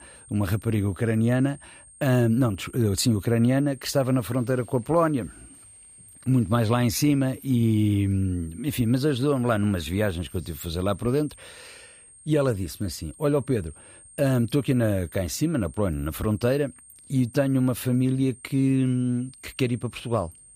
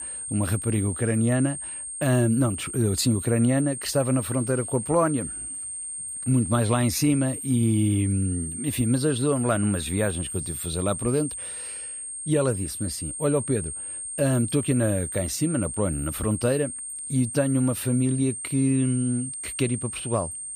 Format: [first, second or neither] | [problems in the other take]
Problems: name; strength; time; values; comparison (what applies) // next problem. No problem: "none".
first | high-pitched whine; loud; throughout; 8.5 kHz, 6 dB below the speech; faint in the first